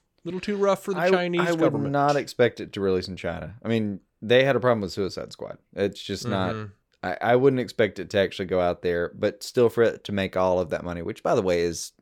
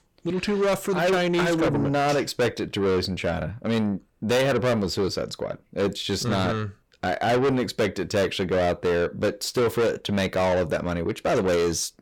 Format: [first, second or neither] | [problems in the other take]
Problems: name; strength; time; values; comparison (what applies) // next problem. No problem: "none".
first | distortion; heavy; 6 dB below the speech